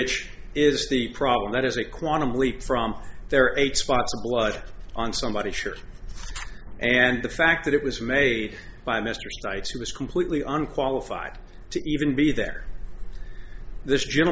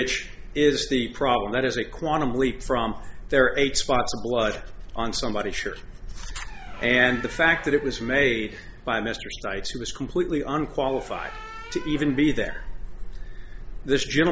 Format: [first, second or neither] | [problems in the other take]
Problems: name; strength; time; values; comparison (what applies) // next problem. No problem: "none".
first | background sound (Squeak); 20 dB below the speech